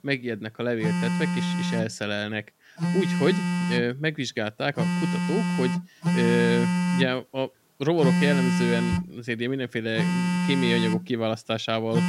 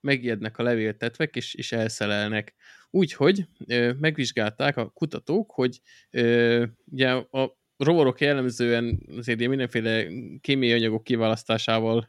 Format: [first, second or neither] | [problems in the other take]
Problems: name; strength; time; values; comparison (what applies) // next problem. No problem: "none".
second | alarms or sirens; very loud; throughout; 2 dB above the speech